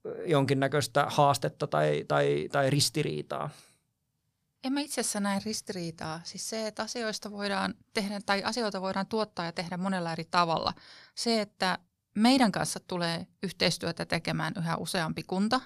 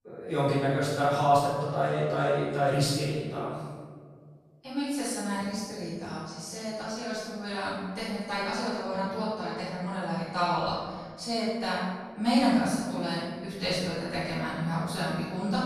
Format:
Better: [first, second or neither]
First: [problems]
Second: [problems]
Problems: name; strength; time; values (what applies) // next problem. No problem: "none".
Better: first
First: none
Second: room echo; strong; dies away in 1.4 s // off-mic speech; far